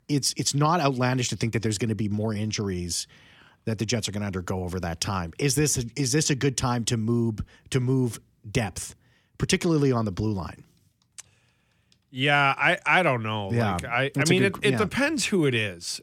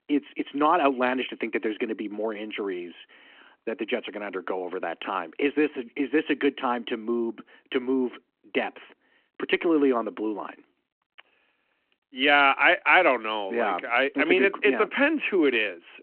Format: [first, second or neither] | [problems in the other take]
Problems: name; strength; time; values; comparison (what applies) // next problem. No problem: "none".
first | phone-call audio